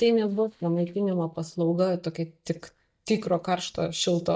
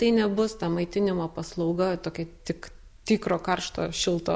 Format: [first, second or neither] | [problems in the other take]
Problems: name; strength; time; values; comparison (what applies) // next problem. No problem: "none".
second | noise reduction (neural mask model DeepFilterNet 3)